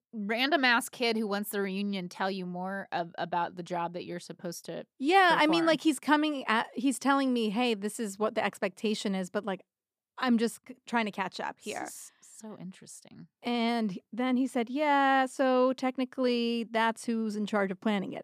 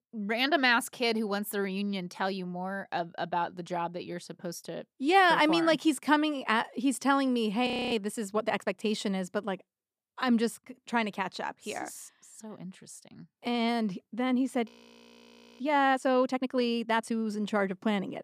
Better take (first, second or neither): first